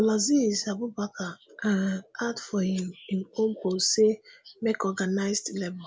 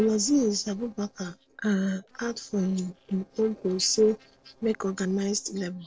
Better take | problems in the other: first | noise reduction (neural separator model SepFormer DNS4)

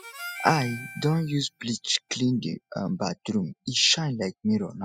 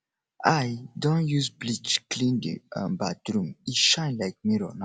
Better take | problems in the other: second | noise reduction (classical method spectral subtraction)

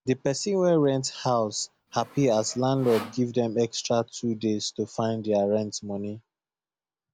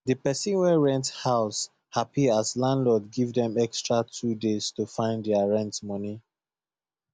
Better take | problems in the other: second | background sound (Sawing); 17 dB below the speech

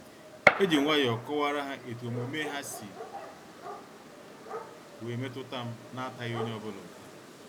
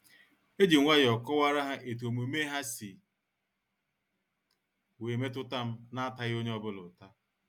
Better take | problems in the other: second | background sound (Gunshot, gunfire); 2 dB below the speech

